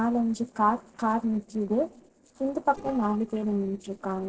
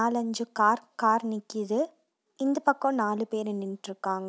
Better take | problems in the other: second | noise reduction (neural separator model SepFormer DNS4)

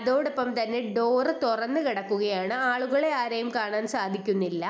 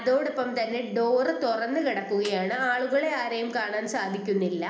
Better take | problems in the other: first | background sound (Snare drum); 18 dB below the speech // room echo; dies away in 0.8 s

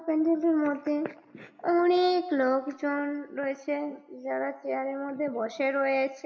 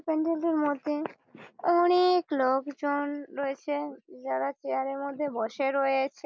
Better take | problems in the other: second | room echo; dies away in 1.2 s

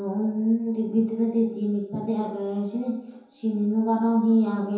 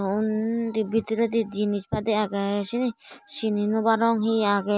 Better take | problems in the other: second | room echo; dies away in 0.9 s

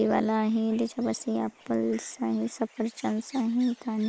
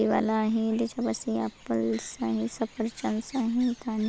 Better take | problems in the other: second | noise reduction (neural mask model Resemble Enhance denoiser)

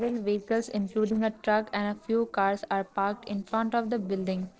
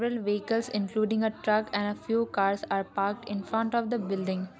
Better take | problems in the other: second | noise reduction (neural separator model SepFormer DNS4)

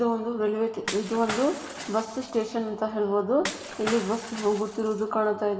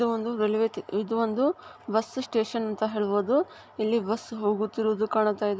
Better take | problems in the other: second | background sound (Shatter / Crushing); 11 dB below the speech // room echo; dies away in 1.1 s

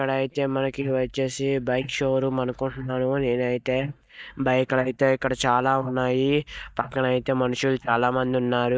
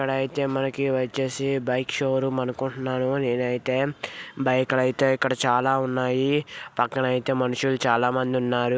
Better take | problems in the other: second | noise reduction (neural mask model DeepFilterNet 3)

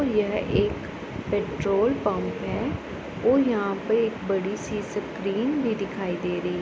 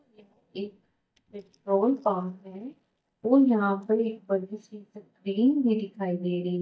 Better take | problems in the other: first | noise reduction (neural mask model DeepFilterNet 3)

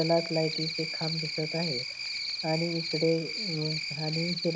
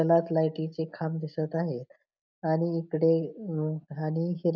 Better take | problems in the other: second | background sound (Cricket); 3 dB below the speech

